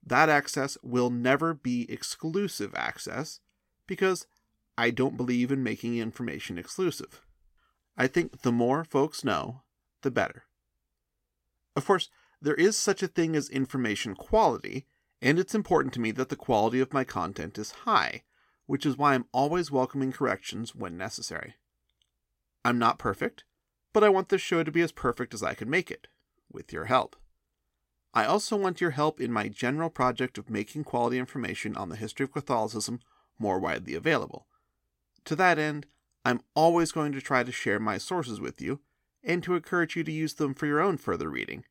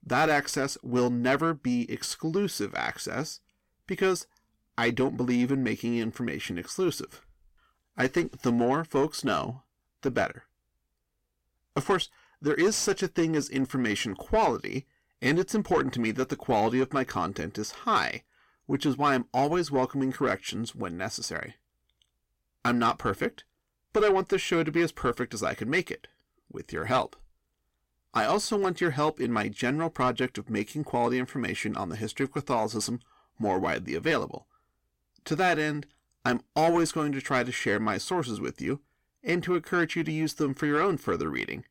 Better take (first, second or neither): first